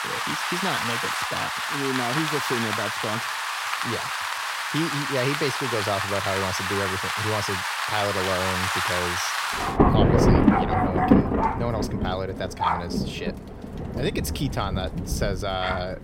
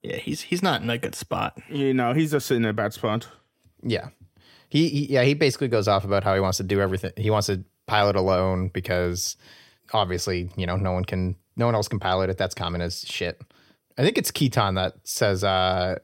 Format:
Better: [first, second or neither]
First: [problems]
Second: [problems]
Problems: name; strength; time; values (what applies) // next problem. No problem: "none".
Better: second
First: rain or running water; very loud; throughout; 5 dB above the speech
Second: none